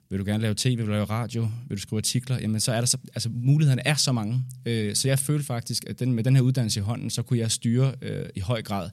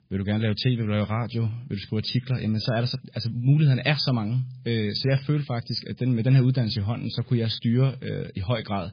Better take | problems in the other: first | garbled, watery; badly; nothing above 5 kHz

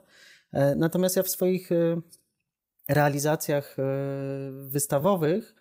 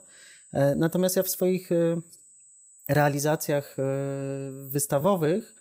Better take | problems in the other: first | high-pitched whine; faint; throughout; 8 kHz, 25 dB below the speech

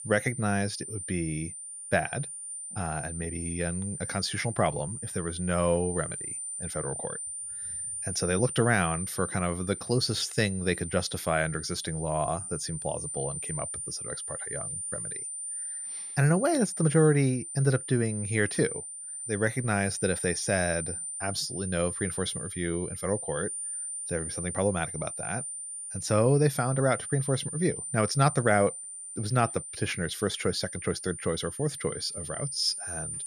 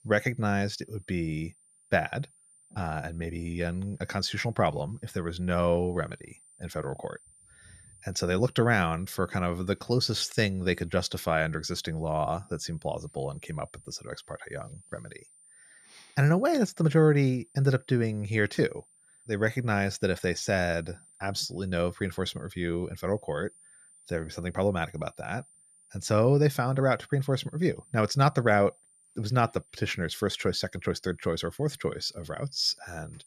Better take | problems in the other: second | high-pitched whine; loud; throughout; 9 kHz, 6 dB below the speech; faint in the second

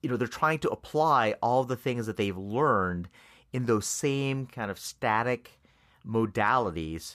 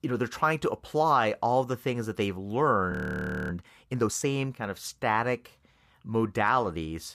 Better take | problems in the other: first | audio freezing; at 3 s for 0.5 s

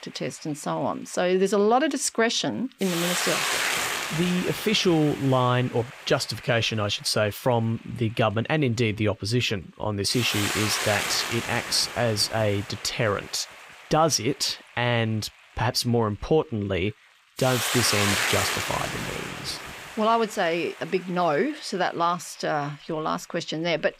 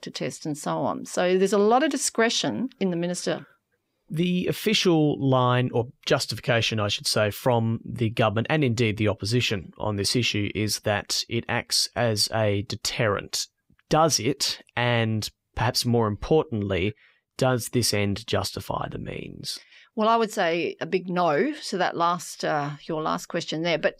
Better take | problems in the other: second | hiss; loud; throughout; 3 dB below the speech

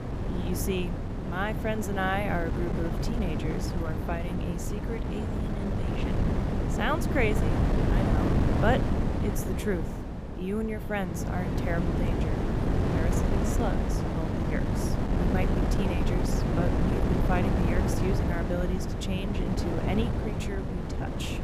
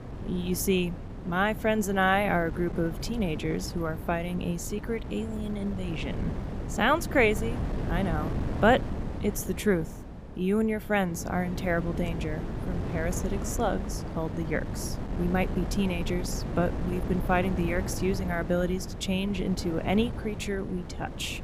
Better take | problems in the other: second | wind noise on the microphone; heavy; as loud as the speech; occasional gusts in the second

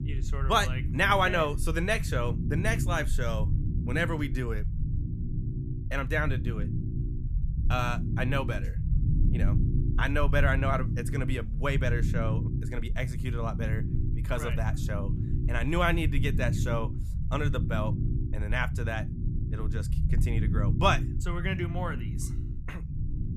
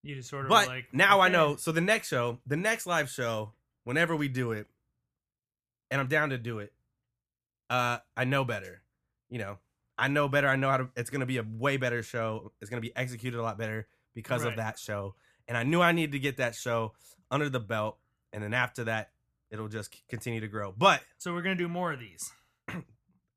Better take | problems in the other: second | low rumble; noticeable; throughout; 15 dB below the speech

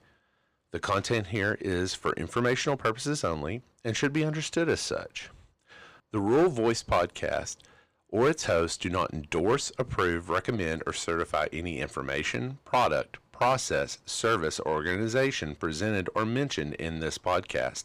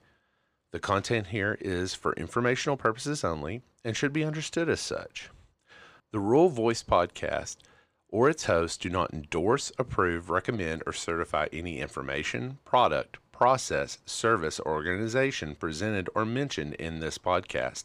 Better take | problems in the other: second | distortion; slight; 3% of the sound clipped

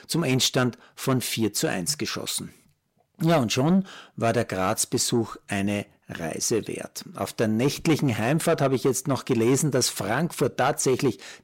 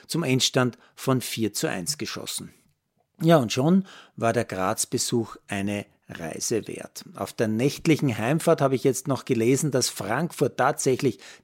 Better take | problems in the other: second | distortion; slight; 10 dB below the speech

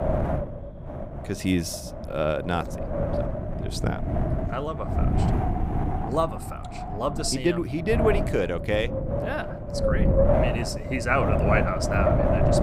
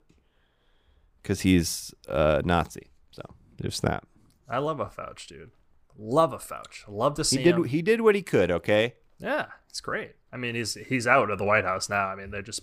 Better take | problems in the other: second | wind noise on the microphone; heavy; 2 dB below the speech

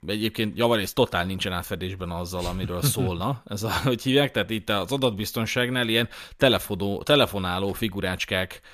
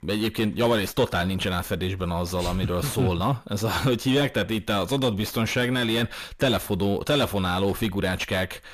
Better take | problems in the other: first | distortion; heavy; 7 dB below the speech

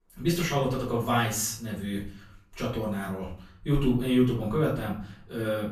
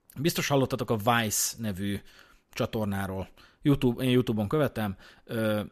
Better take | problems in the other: second | off-mic speech; far // room echo; noticeable; dies away in 0.4 s

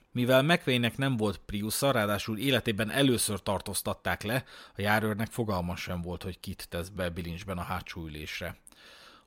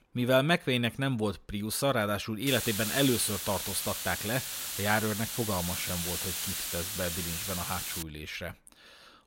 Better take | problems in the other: first | hiss; loud; from 2.5 to 8 s; 2 dB below the speech

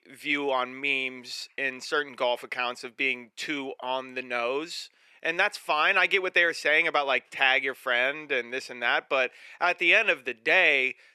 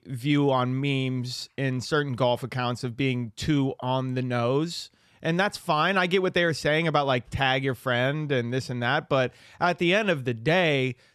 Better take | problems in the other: second | thin; very; fading below 400 Hz

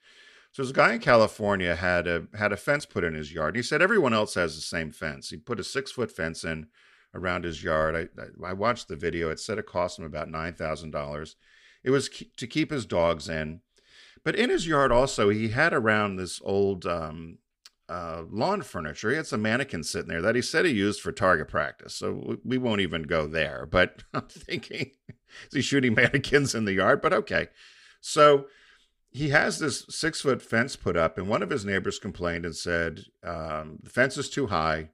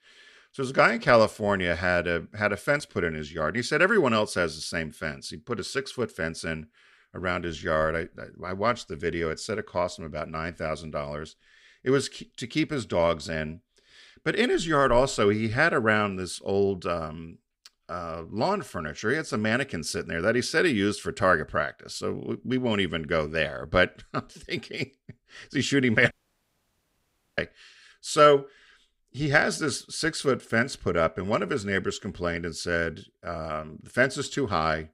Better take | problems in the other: first | audio cutting out; at 26 s for 1.5 s

